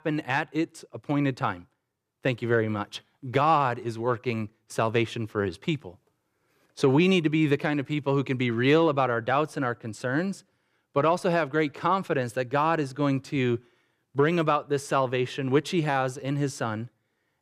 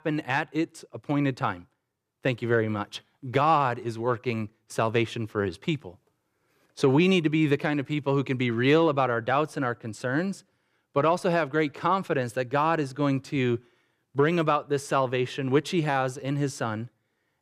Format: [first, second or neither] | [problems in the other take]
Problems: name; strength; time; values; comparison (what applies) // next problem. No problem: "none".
neither | none